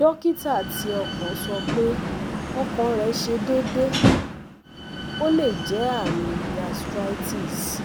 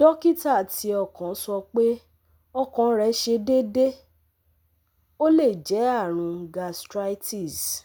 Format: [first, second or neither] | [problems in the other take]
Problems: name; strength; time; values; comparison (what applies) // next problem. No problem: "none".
second | background sound (Slam); 2 dB below the speech